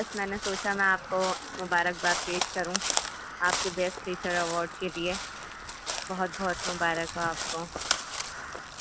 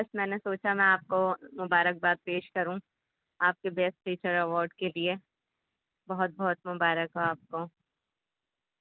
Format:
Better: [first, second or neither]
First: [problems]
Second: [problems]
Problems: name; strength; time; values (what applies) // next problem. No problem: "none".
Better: second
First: background sound (Crow); 4 dB below the speech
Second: none